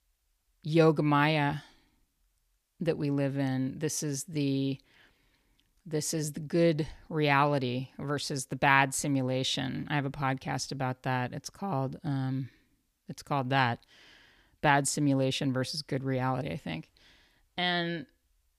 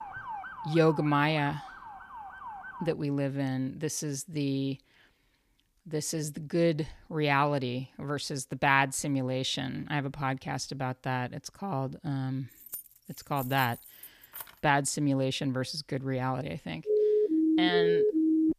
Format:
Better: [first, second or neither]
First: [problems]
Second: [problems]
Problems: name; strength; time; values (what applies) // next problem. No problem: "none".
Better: first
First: none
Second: siren; noticeable; until 3 s; peak 9 dB below the speech // jangling keys; faint; from 13 to 15 s; peak 10 dB below the speech // siren; loud; from 17 s on; peak 5 dB above the speech